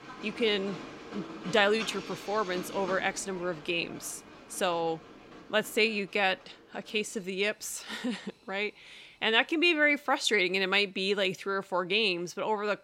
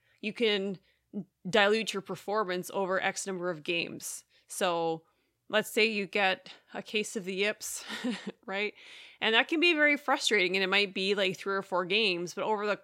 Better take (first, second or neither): second